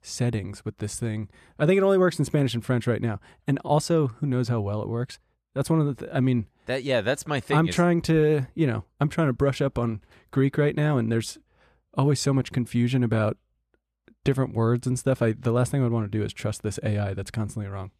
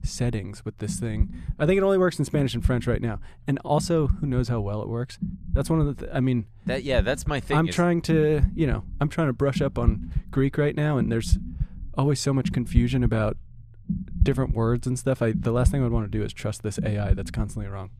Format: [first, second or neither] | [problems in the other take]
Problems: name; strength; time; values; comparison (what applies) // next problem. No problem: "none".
first | low rumble; noticeable; throughout; 15 dB below the speech